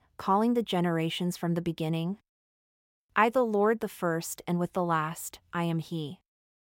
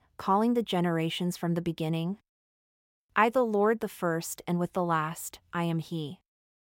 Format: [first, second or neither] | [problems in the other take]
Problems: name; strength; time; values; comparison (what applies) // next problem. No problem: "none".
neither | none